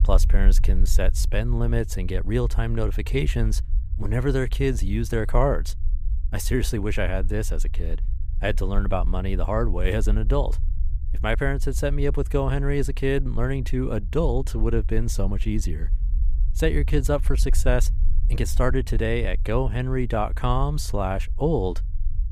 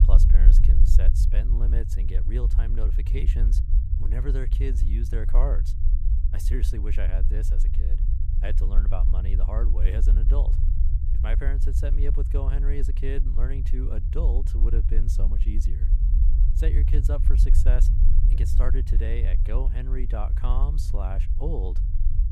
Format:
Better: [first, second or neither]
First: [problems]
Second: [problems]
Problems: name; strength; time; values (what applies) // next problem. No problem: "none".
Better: first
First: low rumble; faint; throughout; 20 dB below the speech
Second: low rumble; loud; throughout; 5 dB below the speech